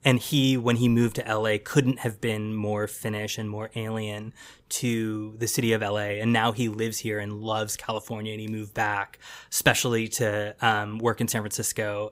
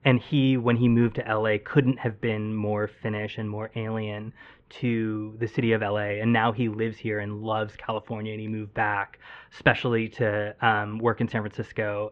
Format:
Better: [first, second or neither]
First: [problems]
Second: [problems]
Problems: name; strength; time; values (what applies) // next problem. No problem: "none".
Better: first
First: none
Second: muffled; very; fading above 2.5 kHz